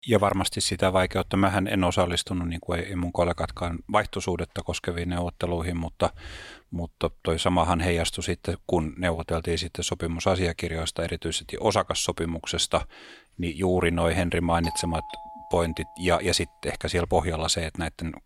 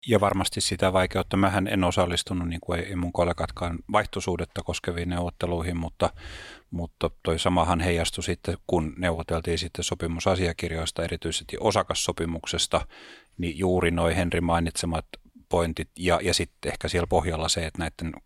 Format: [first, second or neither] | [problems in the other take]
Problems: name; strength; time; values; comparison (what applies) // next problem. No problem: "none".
second | doorbell; noticeable; from 15 to 16 s; peak 9 dB below the speech